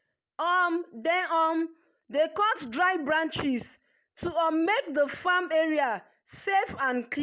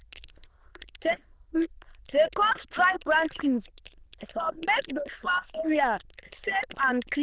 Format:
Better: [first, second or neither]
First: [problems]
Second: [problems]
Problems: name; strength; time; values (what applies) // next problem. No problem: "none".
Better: first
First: none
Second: noise reduction (neural diffusion model UNIVERSE++)